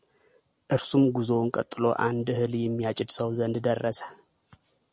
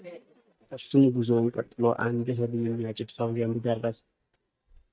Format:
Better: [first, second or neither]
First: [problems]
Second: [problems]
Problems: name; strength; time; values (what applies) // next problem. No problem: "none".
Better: first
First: none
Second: noise reduction (neural mask model DeepFilterNet 3)